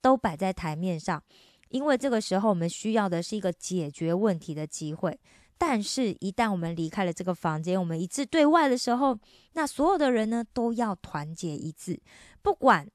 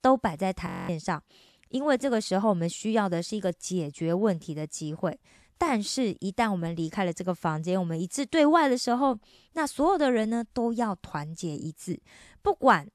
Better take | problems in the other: first | audio freezing; at 0.5 s

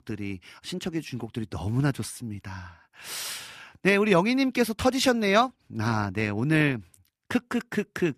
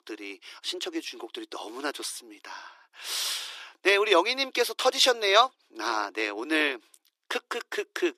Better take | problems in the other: first | thin; very; fading below 350 Hz

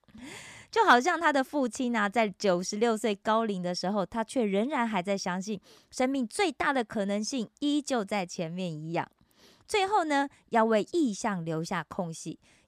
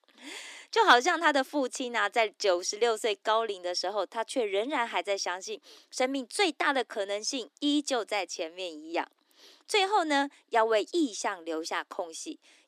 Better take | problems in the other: first | thin; very slightly; fading below 300 Hz

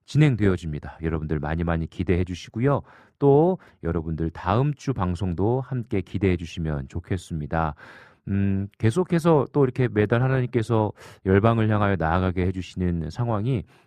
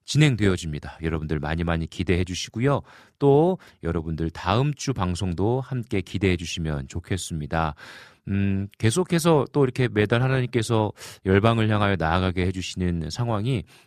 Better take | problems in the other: second | muffled; slightly; fading above 2.5 kHz

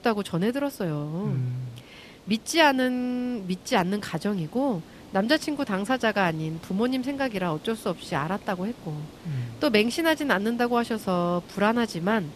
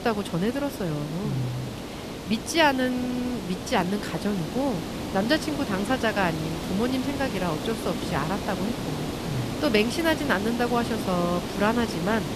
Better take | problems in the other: first | hiss; loud; throughout; 5 dB below the speech; faint in the first

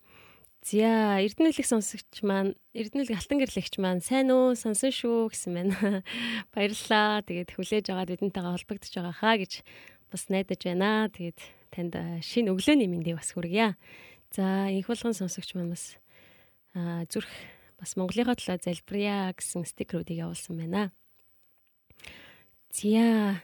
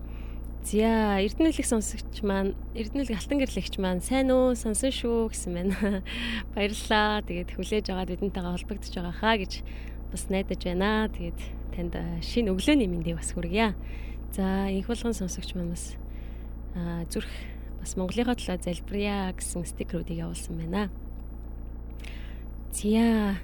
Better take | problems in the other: first | low rumble; faint; throughout; 20 dB below the speech

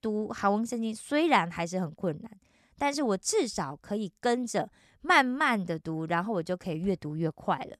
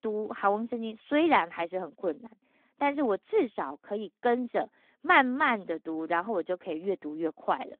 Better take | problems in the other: first | phone-call audio

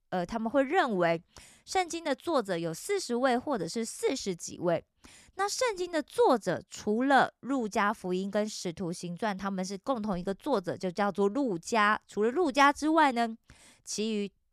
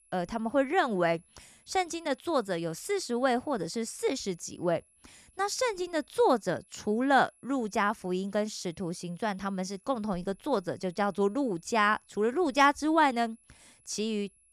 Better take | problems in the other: first | high-pitched whine; faint; throughout; 11 kHz, 30 dB below the speech

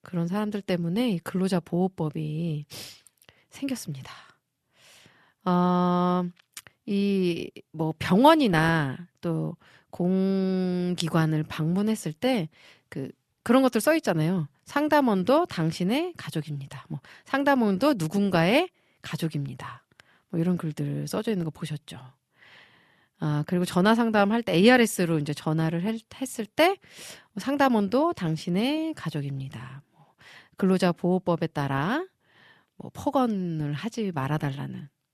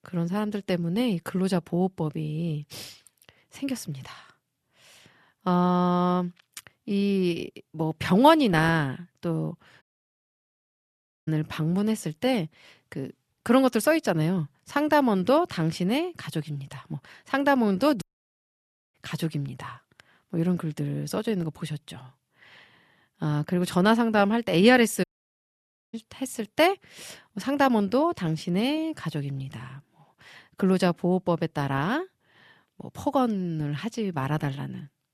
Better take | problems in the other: first | audio cutting out; at 10 s for 1.5 s, at 18 s for 1 s and at 25 s for 1 s

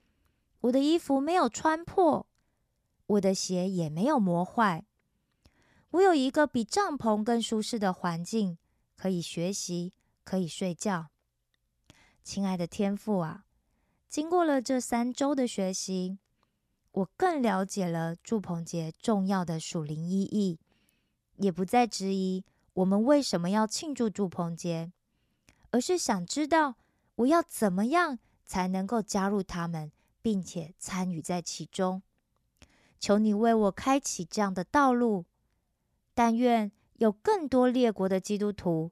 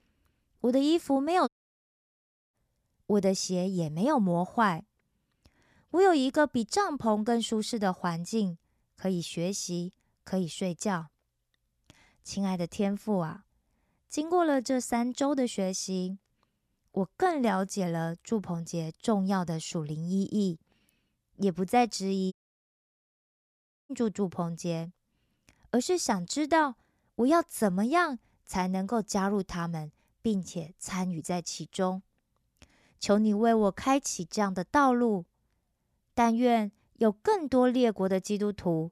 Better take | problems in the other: first | audio cutting out; at 1.5 s for 1 s and at 22 s for 1.5 s

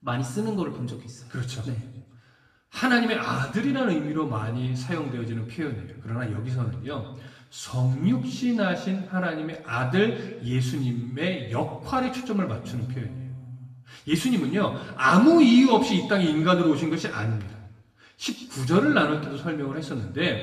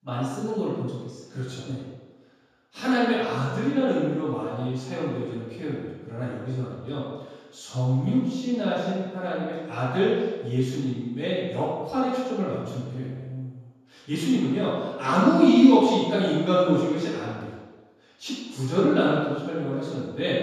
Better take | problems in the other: first | room echo; strong; dies away in 1.2 s; slight in the first // off-mic speech; far; somewhat distant in the first

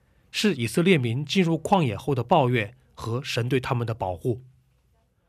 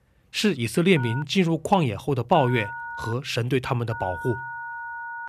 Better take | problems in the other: first | phone ringing; noticeable; from 1 s on; peak 10 dB below the speech

